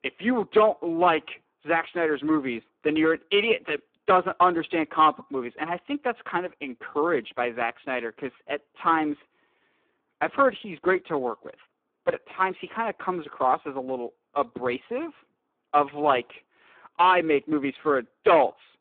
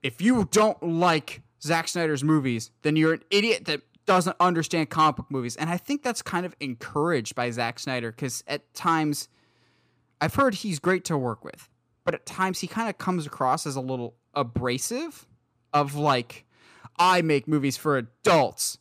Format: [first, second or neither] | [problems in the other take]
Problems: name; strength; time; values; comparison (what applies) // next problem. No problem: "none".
second | phone-call audio; poor line